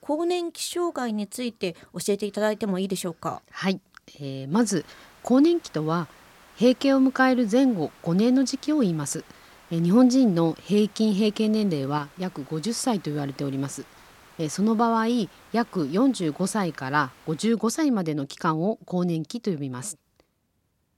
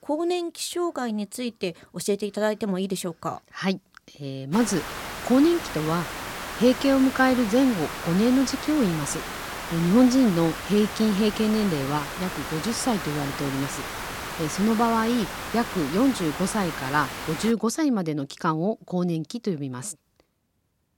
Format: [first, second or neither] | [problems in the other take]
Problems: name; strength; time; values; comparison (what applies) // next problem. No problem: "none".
first | hiss; loud; from 4.5 to 18 s; 8 dB below the speech; faint in the first